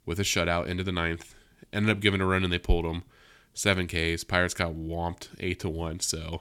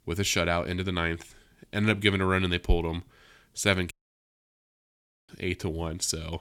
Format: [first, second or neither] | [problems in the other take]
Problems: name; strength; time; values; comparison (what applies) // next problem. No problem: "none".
first | audio cutting out; at 4 s for 1.5 s